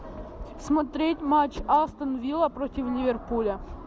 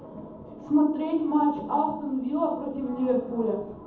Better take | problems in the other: first | room echo; dies away in 0.8 s

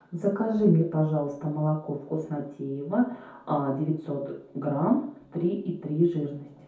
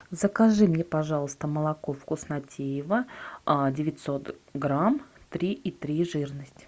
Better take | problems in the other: second | room echo; dies away in 0.6 s

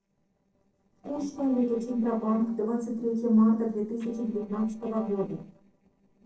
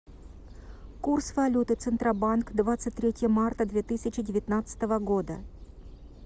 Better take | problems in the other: second | noise reduction (neural separator model SepFormer DNS4)

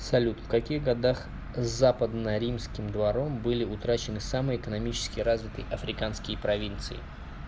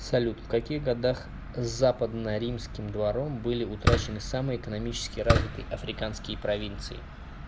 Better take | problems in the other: first | background sound (Fireworks); 1 dB below the speech

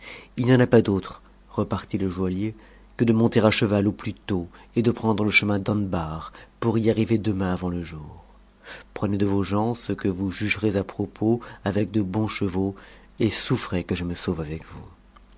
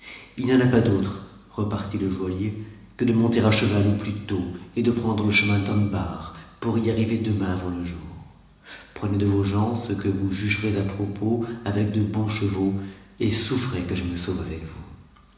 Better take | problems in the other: first | room echo; dies away in 1 s

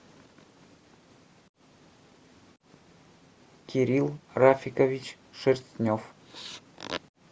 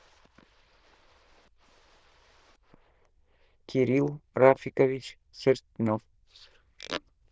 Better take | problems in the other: first | noise reduction (neural diffusion model UNIVERSE++)

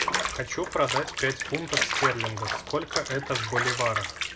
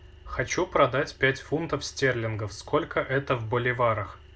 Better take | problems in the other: second | background sound (Bathtub (filling or washing) / Water); as loud as the speech

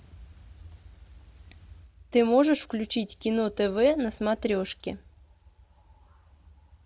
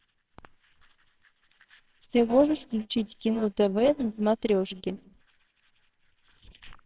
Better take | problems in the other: first | noise reduction (neural separator model SepFormer WHAMR!)

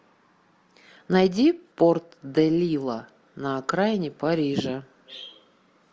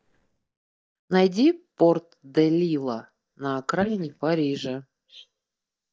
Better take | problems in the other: first | noise reduction (neural mask model DeepFilterNet 3)

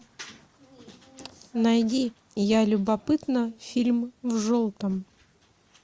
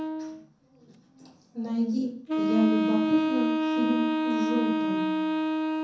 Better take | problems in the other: first | background sound (Wind instrument, woodwind instrument); 3 dB above the speech // room echo; dies away in 0.5 s

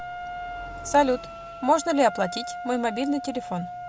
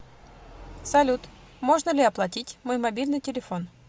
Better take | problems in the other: second | background sound (Wind instrument, woodwind instrument); 10 dB below the speech

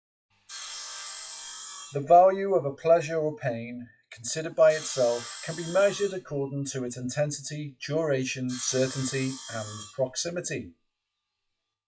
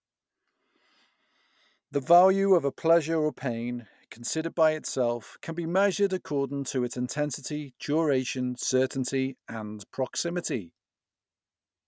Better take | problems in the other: second | noise reduction (classical method WPE with log-MMSE)

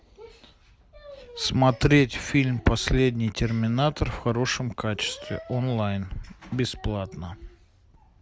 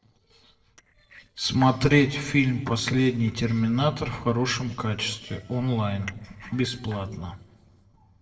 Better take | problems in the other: first | noise reduction (neural separator model SepFormer DNS4)

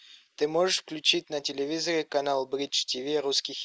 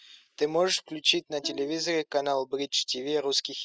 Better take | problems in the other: first | noise reduction (classical method spectral subtraction)

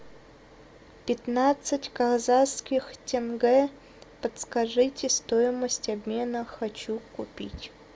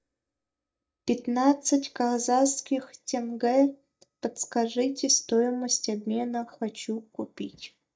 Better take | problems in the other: first | noise reduction (neural mask model DeepFilterNet 3)

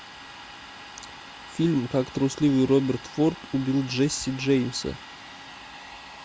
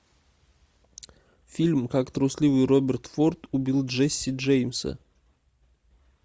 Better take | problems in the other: second | background sound (Domestic sounds, home sounds); 16 dB below the speech

